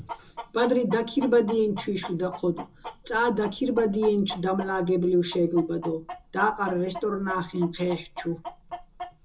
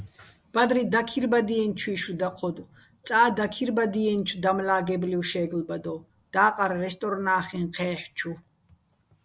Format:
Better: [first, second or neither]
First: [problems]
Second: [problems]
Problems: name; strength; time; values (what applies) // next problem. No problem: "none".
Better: second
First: background sound (Chicken, rooster); 15 dB below the speech // room echo; dies away in 0.2 s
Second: none